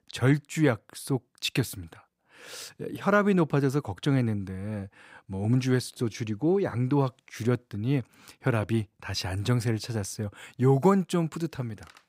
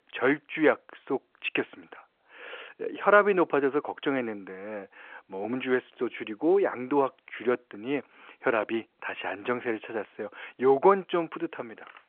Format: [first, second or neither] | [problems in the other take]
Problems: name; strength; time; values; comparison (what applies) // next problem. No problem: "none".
first | phone-call audio